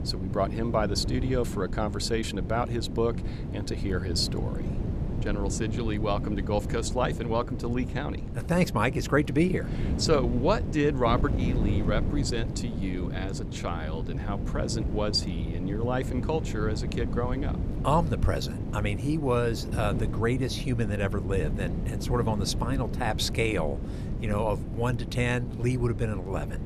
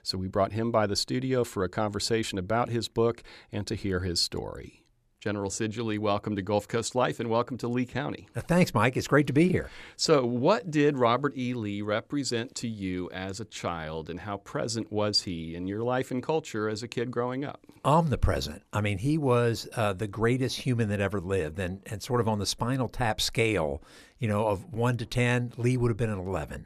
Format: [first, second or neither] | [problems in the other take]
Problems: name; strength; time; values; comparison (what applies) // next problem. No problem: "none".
second | wind noise on the microphone; occasional gusts; 10 dB below the speech